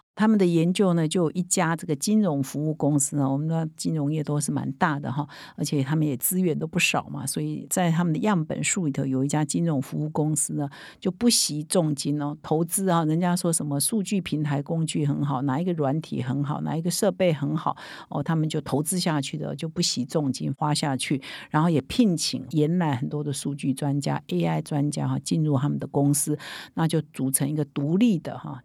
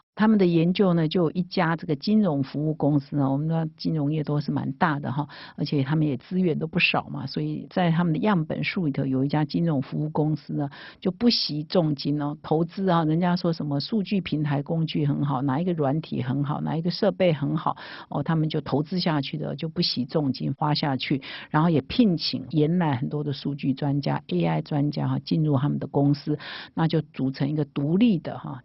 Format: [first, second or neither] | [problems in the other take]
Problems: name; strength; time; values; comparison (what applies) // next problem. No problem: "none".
first | garbled, watery; badly; nothing above 5.5 kHz